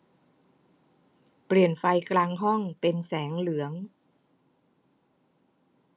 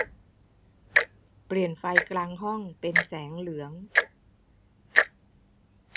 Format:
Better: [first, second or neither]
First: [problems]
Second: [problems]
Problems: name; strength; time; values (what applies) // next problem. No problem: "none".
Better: first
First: none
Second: background sound (Tick-tock); 5 dB above the speech